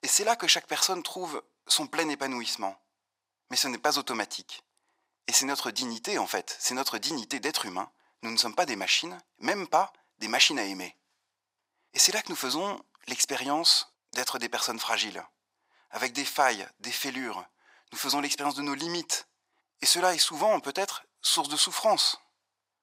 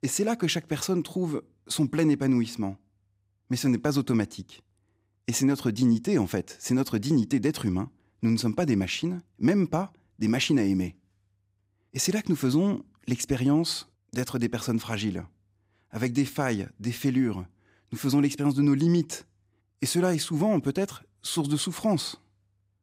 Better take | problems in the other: second | thin; very; fading below 800 Hz

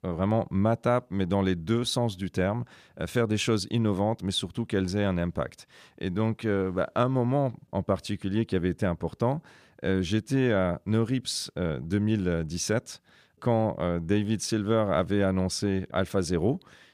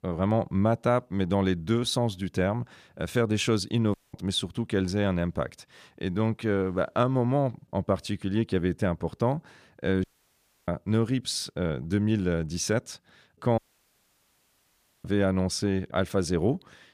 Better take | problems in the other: first | audio cutting out; at 4 s, at 10 s for 0.5 s and at 14 s for 1.5 s

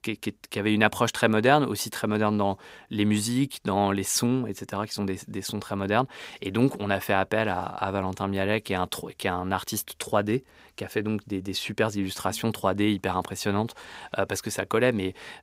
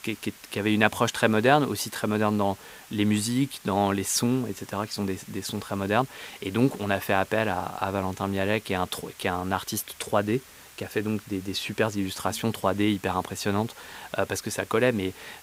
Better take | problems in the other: first | hiss; faint; throughout; 20 dB below the speech

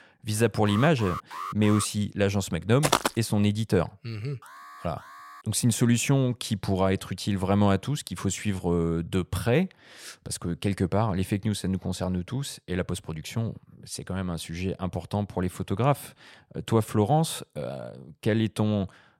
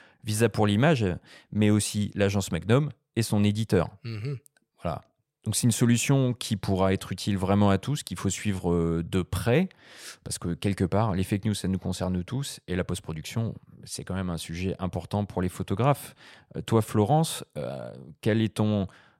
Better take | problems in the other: second | alarm; noticeable; from 0.5 to 2 s; peak 8 dB below the speech // footsteps; loud; at 3 s; peak 3 dB above the speech // alarm; faint; from 4.5 to 5.5 s; peak 20 dB below the speech

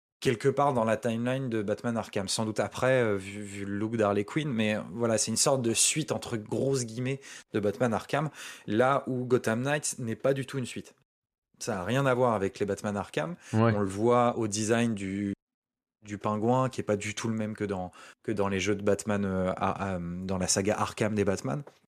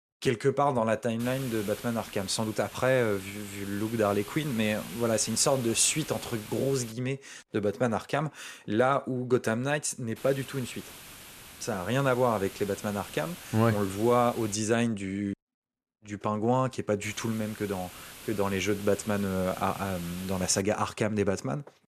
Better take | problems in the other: first | hiss; noticeable; from 1 to 7 s, from 10 to 15 s and from 17 to 21 s; 15 dB below the speech

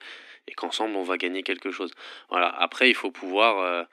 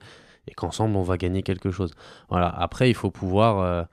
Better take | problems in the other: second | thin; somewhat; fading below 250 Hz

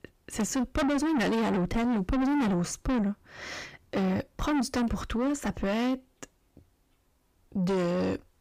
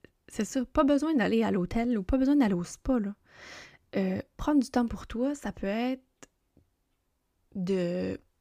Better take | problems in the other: second | distortion; heavy; 6 dB below the speech

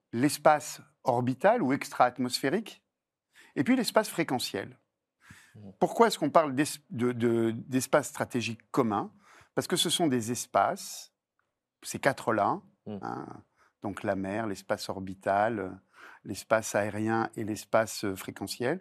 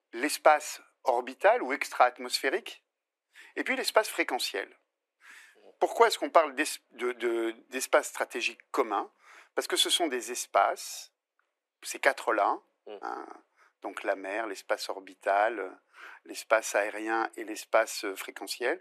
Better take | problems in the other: first | thin; somewhat; fading below 350 Hz

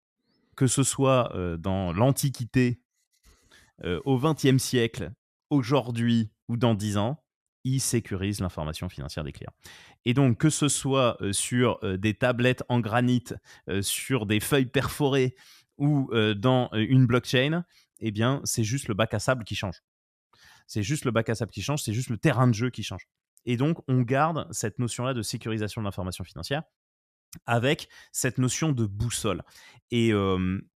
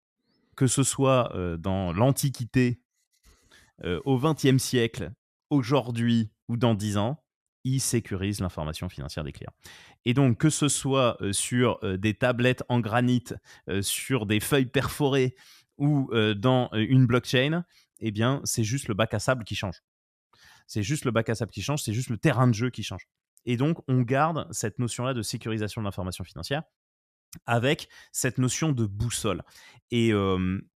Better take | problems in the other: neither | none

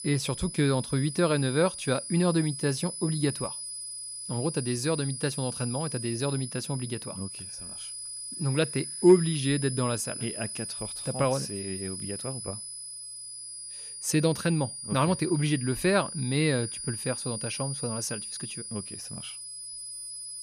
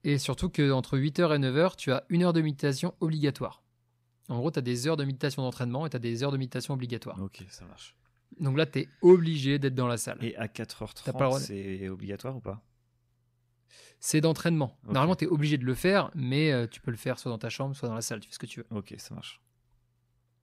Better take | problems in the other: second | high-pitched whine; loud; throughout; 10 kHz, 7 dB below the speech

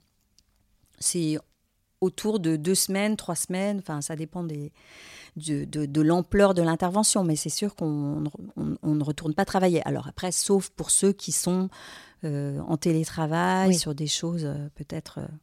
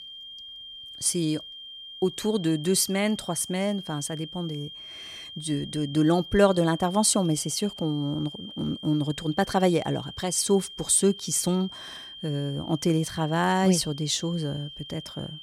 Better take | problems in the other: first | high-pitched whine; noticeable; throughout; 3 kHz, 15 dB below the speech

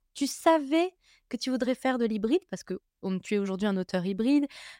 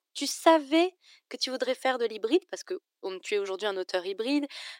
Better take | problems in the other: first | thin; somewhat; fading below 300 Hz

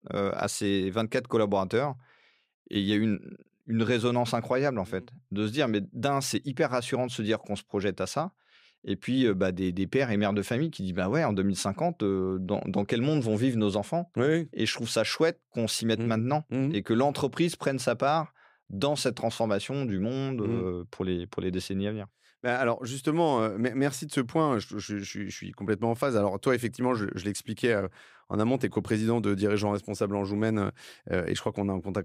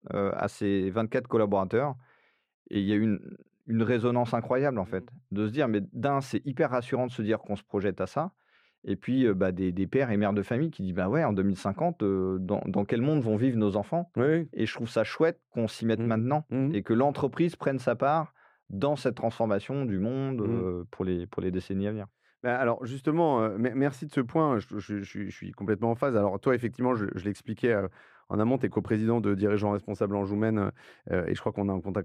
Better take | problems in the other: first | muffled; slightly; fading above 3 kHz

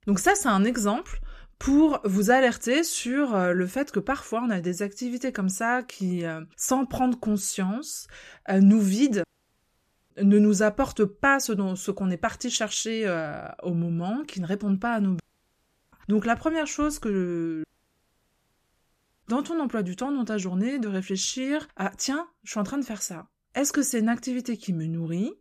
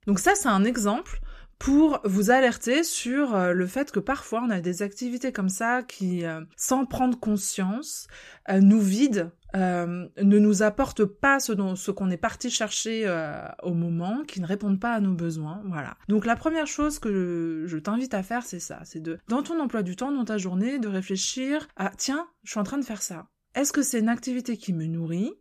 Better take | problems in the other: second | audio cutting out; at 9 s for 1 s, at 15 s for 0.5 s and at 18 s for 1.5 s

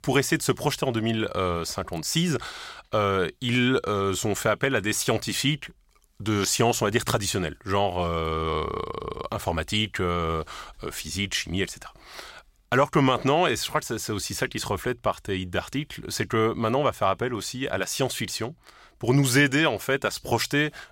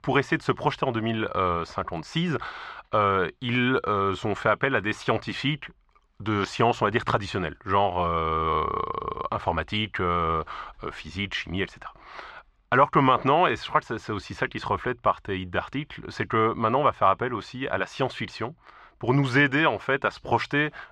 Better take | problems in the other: first | muffled; very; fading above 2.5 kHz

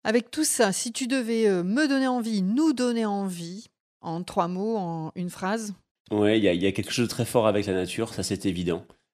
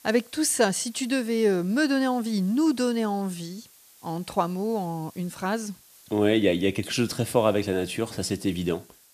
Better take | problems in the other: first | hiss; faint; throughout; 25 dB below the speech

